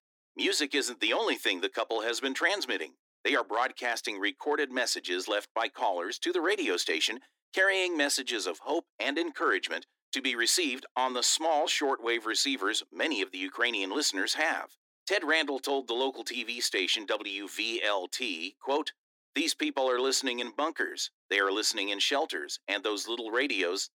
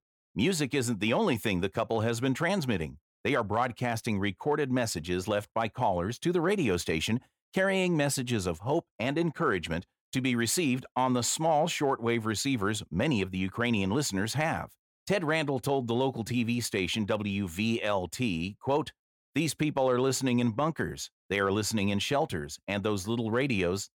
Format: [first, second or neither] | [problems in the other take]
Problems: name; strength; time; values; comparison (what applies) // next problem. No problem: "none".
second | thin; somewhat; fading below 300 Hz